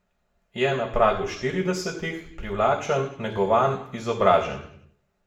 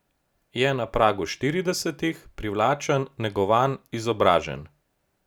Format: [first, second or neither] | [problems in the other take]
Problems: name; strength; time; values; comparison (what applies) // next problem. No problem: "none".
second | room echo; dies away in 0.7 s